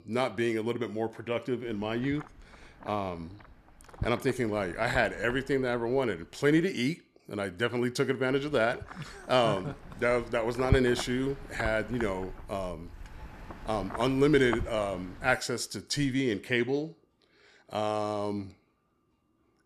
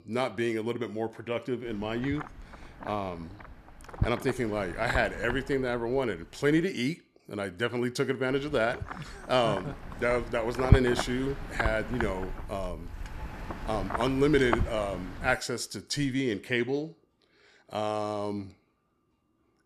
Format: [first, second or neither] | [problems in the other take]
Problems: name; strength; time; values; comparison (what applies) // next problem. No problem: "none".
first | wind noise on the microphone; heavy; from 1.5 to 6.5 s and from 8.5 to 15 s; 7 dB below the speech; occasional gusts in the first